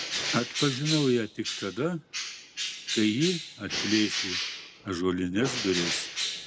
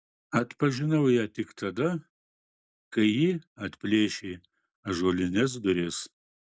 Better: second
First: background sound (Bird); 4 dB below the speech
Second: none

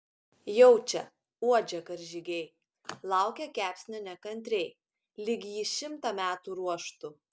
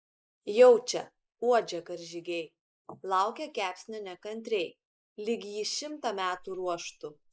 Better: first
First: none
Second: noise reduction (neural mask model Resemble Enhance denoiser)

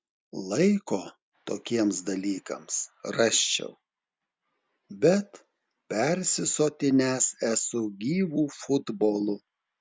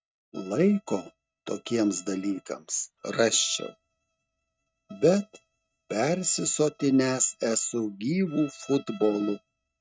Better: first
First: none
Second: noise reduction (neural mask model RNNoise)

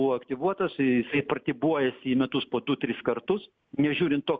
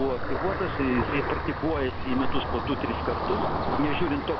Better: first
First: none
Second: background sound (Ocean); 1 dB above the speech

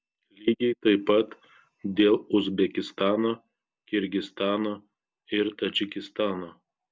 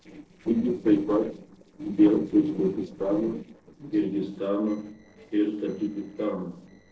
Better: first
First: none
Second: noise reduction (neural separator model SepFormer DNS4)

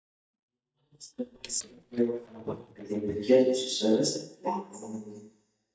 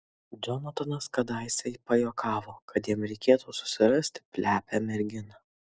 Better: second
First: noise reduction (neural mask model DeepFilterNet 3)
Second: none

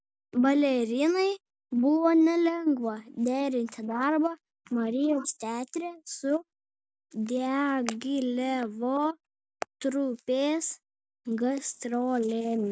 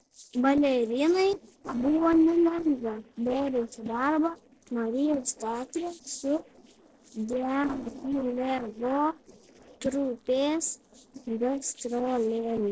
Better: first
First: none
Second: noise reduction (neural separator model SepFormer DNS4)

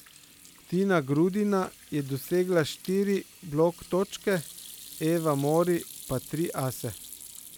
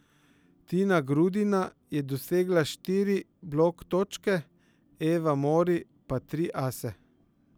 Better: second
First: background sound (Sink (filling or washing) / Hands); 18 dB below the speech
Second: none

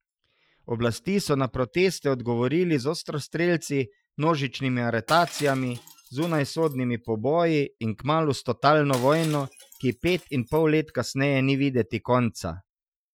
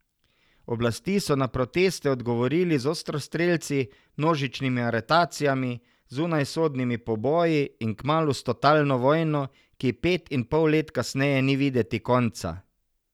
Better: second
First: noise reduction (classical method Wiener filter)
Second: none

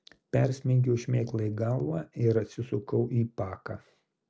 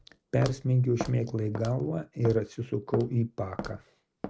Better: first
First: none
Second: background sound (Walk, footsteps); 12 dB below the speech

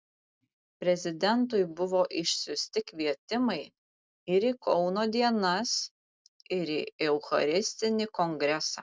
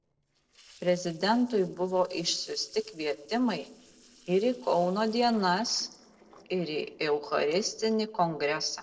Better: first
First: none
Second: noise reduction (neural separator model SepFormer DNS4)

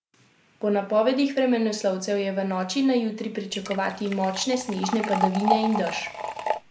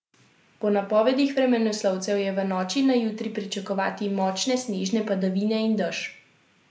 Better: second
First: background sound (Liquid); 4 dB below the speech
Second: none

